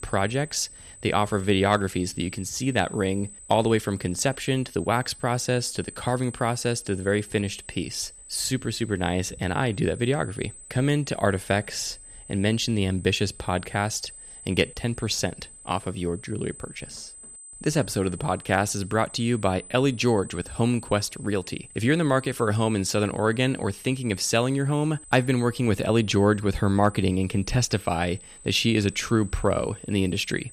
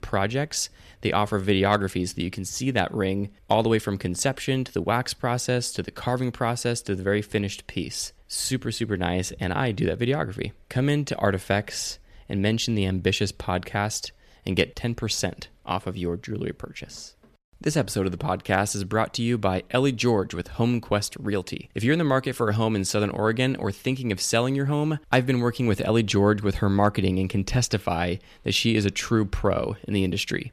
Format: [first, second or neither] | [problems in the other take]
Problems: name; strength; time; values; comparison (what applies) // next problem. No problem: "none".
second | high-pitched whine; noticeable; throughout; 8 kHz, 15 dB below the speech